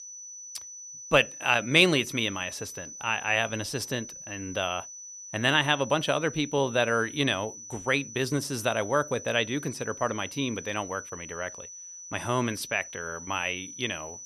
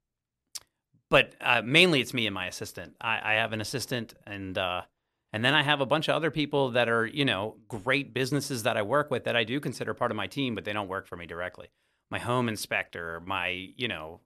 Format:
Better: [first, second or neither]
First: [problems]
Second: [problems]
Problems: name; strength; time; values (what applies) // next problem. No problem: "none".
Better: second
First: high-pitched whine; noticeable; throughout; 6 kHz, 15 dB below the speech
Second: none